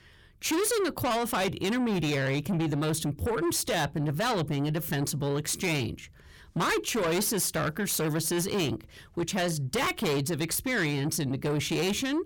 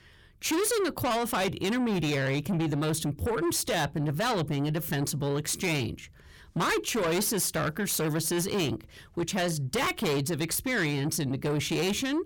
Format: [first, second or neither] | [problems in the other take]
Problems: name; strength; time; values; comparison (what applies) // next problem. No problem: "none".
neither | distortion; heavy; 6 dB below the speech; the same in both